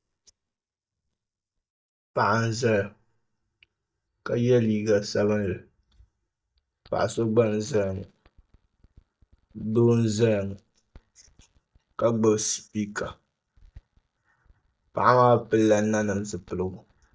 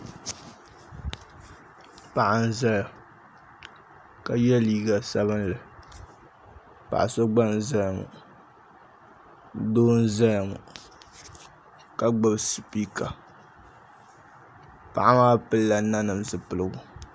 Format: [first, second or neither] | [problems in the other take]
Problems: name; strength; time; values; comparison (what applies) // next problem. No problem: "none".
second | noise reduction (neural mask model DeepFilterNet 3)